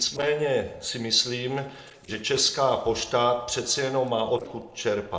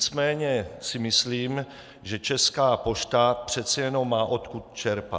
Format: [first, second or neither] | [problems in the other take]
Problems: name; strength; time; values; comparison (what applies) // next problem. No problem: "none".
second | noise reduction (neural separator model SepFormer DNS4)